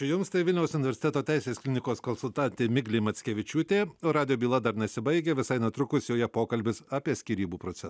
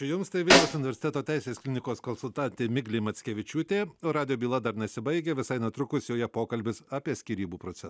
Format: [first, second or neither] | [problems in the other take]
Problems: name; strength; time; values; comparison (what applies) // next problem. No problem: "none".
first | background sound (Snare drum); 4 dB above the speech